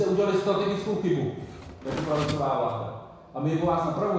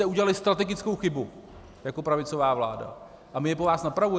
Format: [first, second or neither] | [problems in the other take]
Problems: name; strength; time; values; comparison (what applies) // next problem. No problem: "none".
second | background sound (Door); 16 dB below the speech // room echo; dies away in 1.1 s